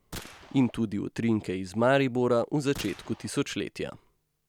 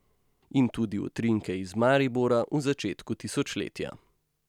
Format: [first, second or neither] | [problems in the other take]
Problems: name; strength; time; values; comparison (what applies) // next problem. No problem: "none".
second | background sound (Gunshot, gunfire); 18 dB below the speech